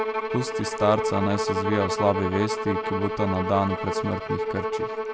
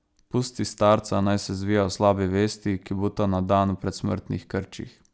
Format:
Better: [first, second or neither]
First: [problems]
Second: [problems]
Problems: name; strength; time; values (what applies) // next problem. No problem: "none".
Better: second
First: background sound (Bowed string instrument); 1 dB below the speech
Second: none